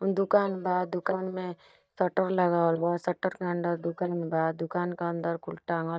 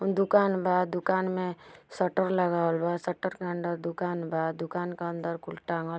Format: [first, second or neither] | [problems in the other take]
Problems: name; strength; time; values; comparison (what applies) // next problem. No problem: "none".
second | noise reduction (neural mask model DeepFilterNet 3)